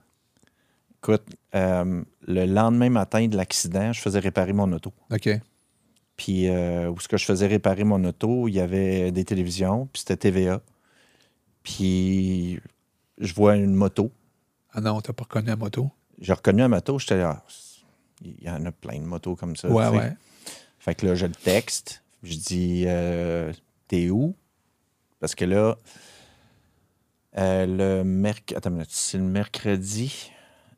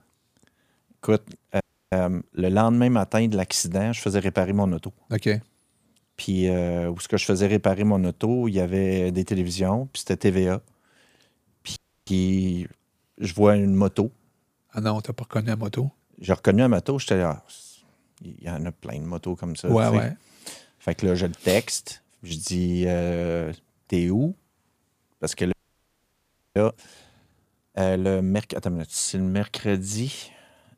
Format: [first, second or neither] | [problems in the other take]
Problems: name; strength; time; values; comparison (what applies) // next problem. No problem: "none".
first | audio freezing; at 1.5 s, at 12 s and at 26 s for 1 s